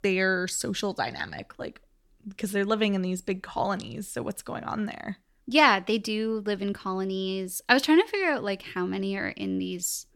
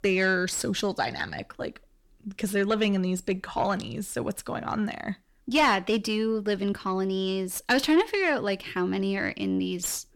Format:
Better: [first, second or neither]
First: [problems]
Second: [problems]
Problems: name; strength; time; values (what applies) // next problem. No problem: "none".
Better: first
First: none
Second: distortion; slight; 10 dB below the speech